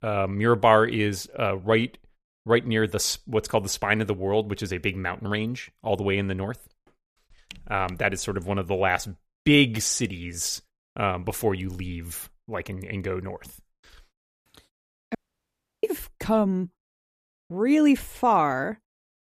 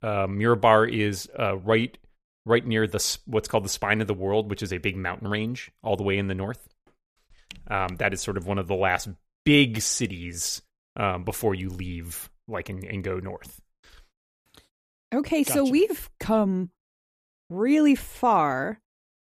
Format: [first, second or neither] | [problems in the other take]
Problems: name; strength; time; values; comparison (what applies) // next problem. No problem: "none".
second | audio cutting out; at 15 s for 0.5 s